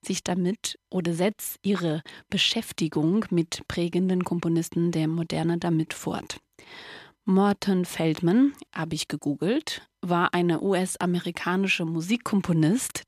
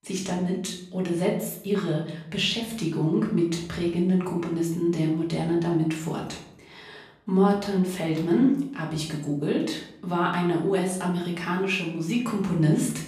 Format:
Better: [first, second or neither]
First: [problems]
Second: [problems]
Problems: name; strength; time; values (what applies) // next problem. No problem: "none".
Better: first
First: none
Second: off-mic speech; far // room echo; noticeable; dies away in 0.6 s